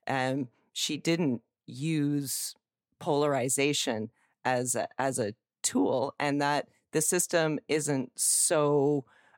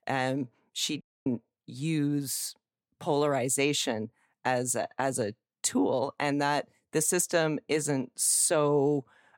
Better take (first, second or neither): first